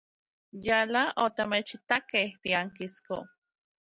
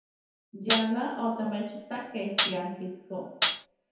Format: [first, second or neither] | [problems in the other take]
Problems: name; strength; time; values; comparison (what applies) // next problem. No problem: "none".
first | background sound (Hi-hat); 5 dB above the speech // room echo; dies away in 0.9 s